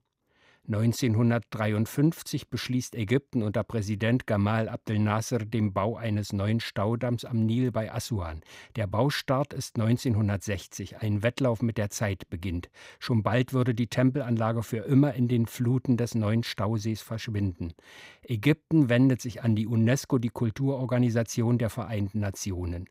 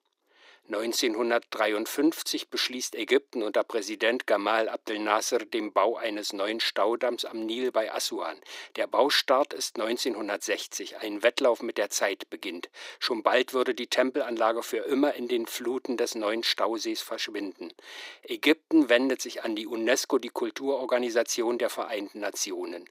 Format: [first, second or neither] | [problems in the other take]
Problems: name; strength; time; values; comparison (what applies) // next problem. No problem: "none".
first | thin; very; fading below 350 Hz